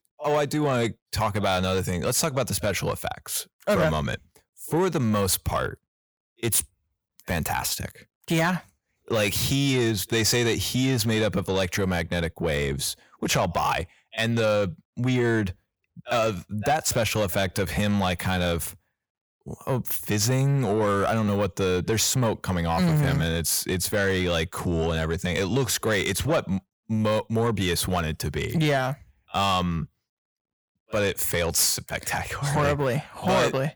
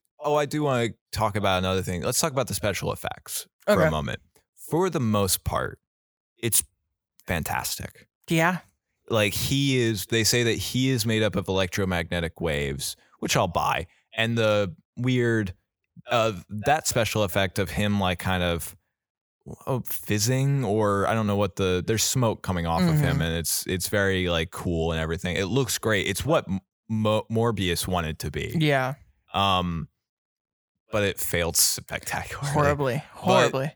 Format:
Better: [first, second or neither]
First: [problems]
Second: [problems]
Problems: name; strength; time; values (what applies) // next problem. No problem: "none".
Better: second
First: distortion; slight; 10 dB below the speech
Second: none